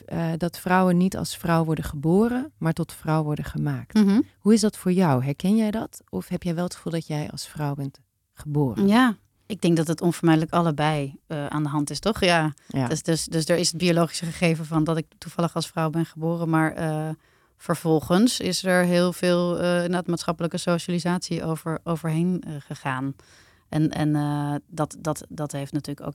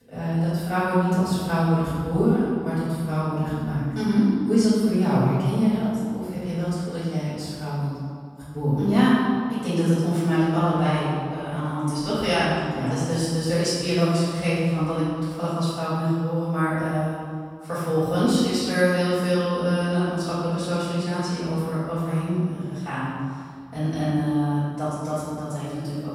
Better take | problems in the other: first | room echo; strong; dies away in 1.7 s // off-mic speech; far

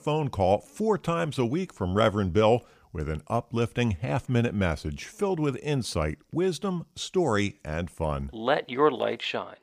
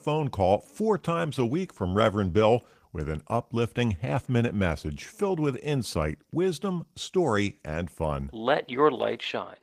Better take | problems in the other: first | garbled, watery; slightly; nothing above 15 kHz

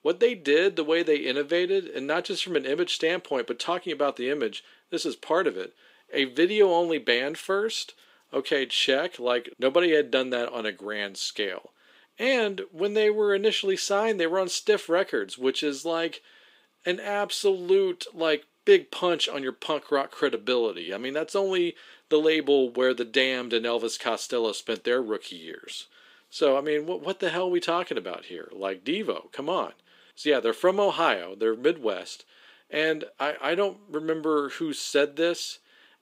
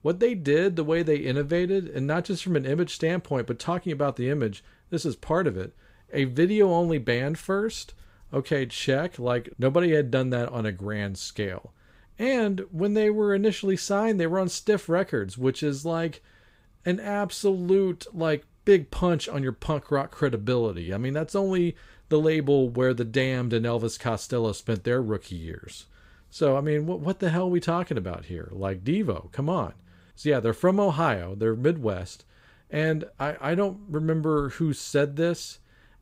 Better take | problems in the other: second | thin; somewhat; fading below 300 Hz

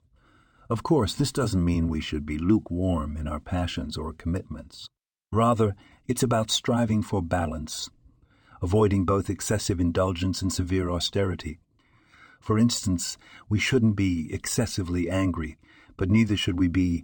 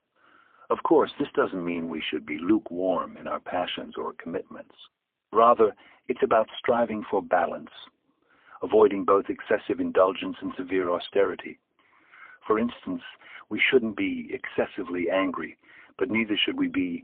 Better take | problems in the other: first | phone-call audio; poor line

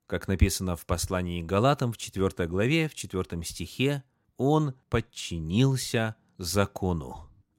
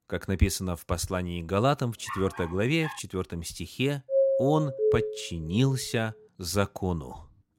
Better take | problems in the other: first | dog barking; noticeable; at 2 s; peak 8 dB below the speech // doorbell; loud; from 4 to 5 s; peak 5 dB above the speech

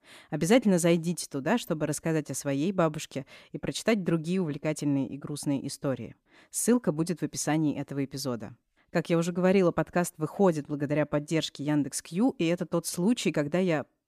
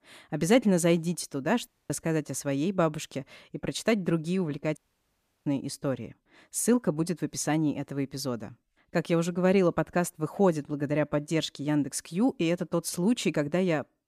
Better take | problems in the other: first | audio cutting out; at 1.5 s and at 5 s for 0.5 s

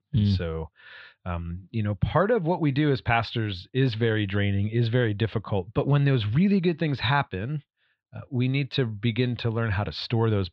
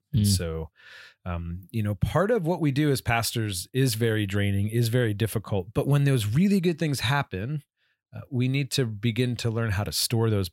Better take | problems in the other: second | muffled; slightly; fading above 4 kHz

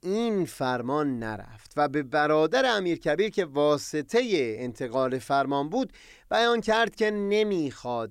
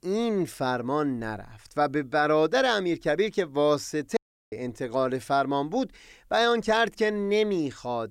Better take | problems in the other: first | audio cutting out; at 4 s

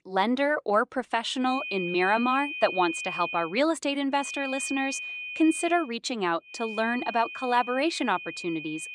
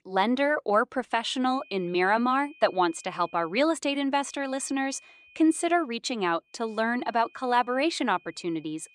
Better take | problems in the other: second | high-pitched whine; loud; from 1.5 to 3.5 s, from 4 to 6 s and from 6.5 s on; 2.5 kHz, 8 dB below the speech; faint in the second

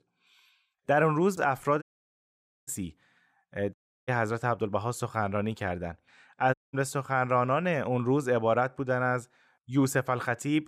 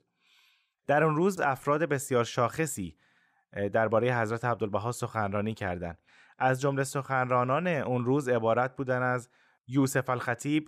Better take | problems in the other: second | audio cutting out; at 2 s for 1 s, at 3.5 s and at 6.5 s

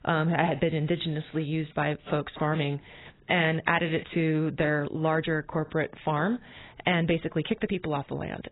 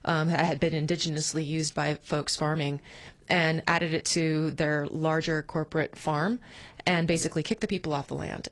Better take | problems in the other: second | garbled, watery; badly; nothing above 4 kHz; slightly in the second

